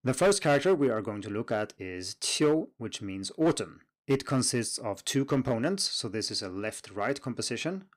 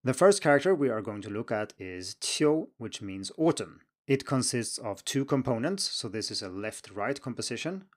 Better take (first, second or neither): second